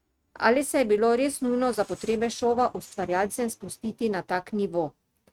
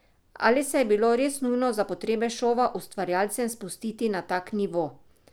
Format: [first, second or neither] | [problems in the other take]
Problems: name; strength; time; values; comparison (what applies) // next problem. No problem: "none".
second | noise reduction (neural mask model RNNoise)